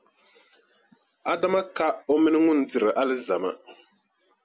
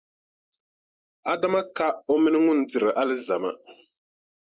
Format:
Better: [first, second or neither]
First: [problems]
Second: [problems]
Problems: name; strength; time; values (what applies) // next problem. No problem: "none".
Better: first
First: none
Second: noise reduction (neural mask model Resemble Enhance denoiser)